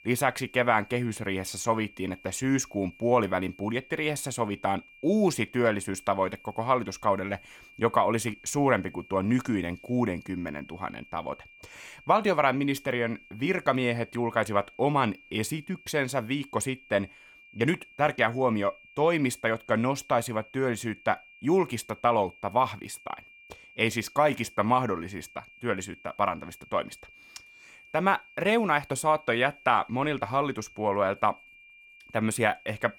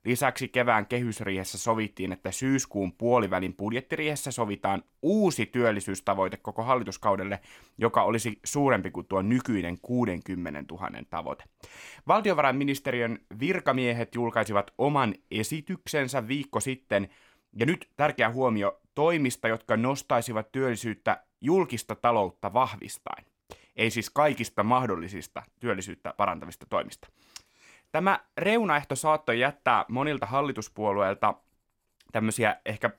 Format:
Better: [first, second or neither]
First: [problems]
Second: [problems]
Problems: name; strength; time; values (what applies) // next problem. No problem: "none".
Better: second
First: high-pitched whine; faint; throughout; 2.5 kHz, 25 dB below the speech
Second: none